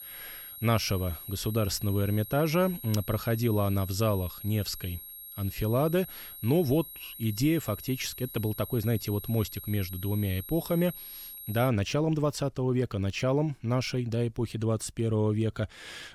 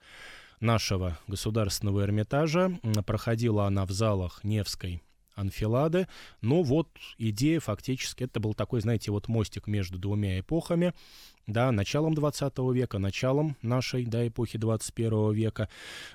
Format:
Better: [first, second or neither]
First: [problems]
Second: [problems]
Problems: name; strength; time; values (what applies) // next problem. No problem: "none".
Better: second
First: high-pitched whine; noticeable; until 12 s; 11.5 kHz, 10 dB below the speech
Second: none